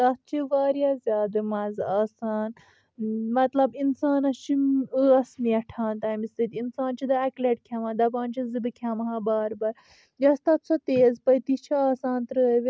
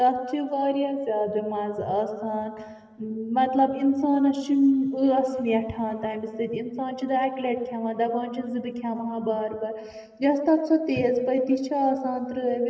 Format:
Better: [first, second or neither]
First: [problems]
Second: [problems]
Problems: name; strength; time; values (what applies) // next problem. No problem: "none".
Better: first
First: none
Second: room echo; dies away in 1.9 s